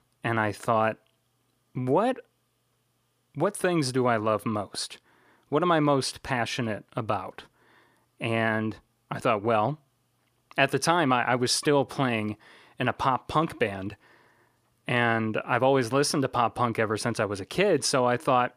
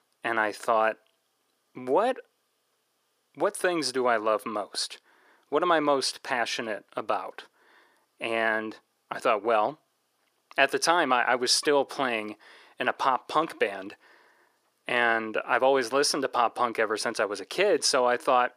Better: first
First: none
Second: thin; somewhat; fading below 400 Hz

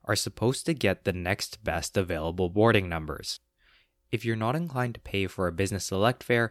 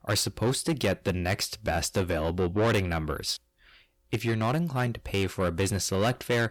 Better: first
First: none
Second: distortion; heavy; 8 dB below the speech

